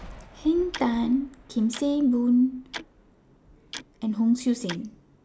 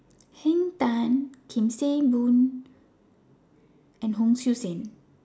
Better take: second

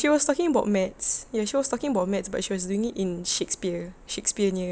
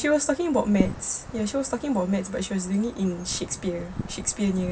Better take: first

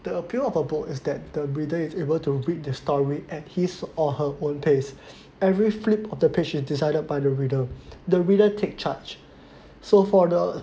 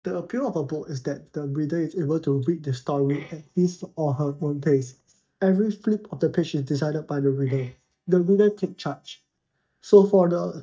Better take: first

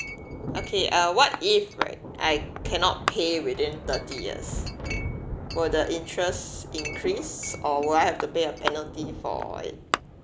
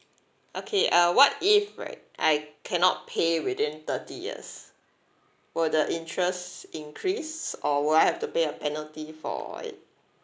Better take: second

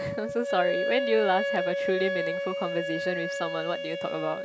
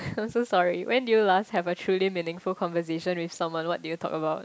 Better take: second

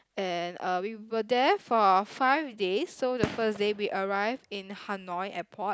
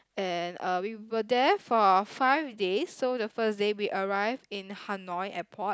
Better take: second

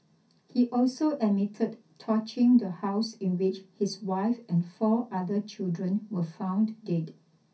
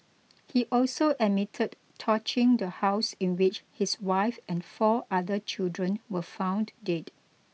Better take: second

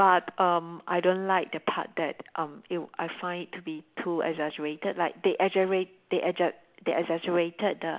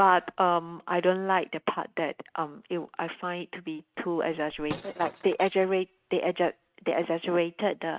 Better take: first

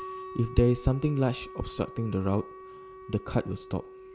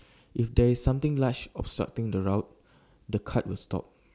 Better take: second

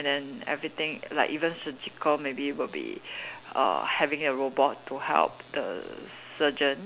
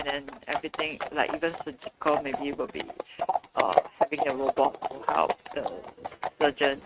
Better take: first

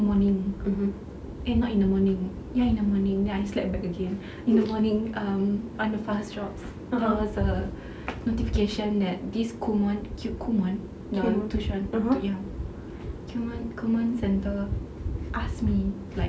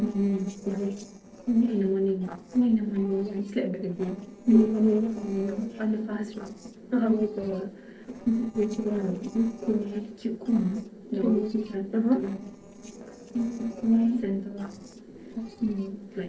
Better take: first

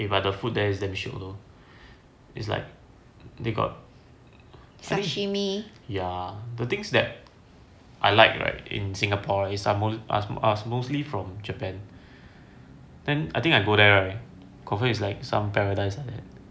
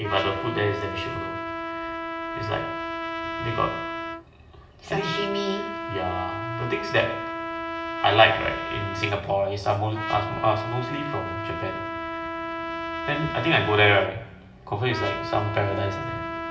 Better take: first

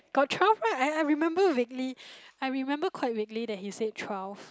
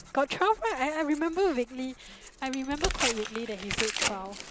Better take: first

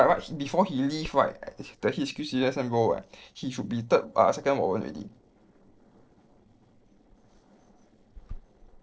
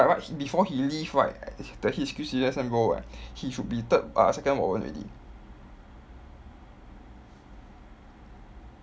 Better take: second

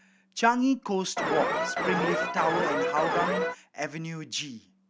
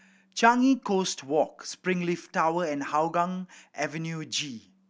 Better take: second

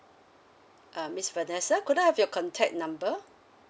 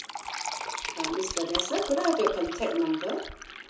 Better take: first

